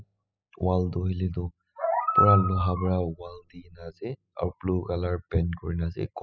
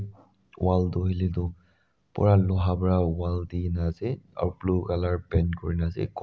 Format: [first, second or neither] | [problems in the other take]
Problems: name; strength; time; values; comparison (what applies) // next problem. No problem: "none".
second | noise reduction (classical method spectral subtraction)